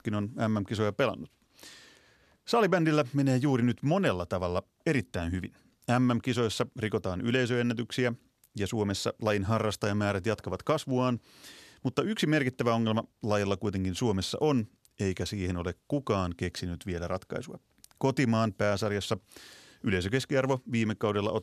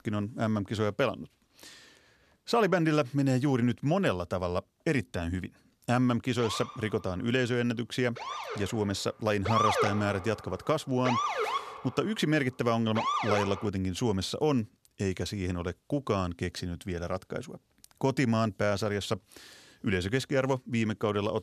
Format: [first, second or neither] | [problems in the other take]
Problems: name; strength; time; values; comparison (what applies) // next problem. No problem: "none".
first | siren; loud; from 6.5 to 14 s; peak 4 dB above the speech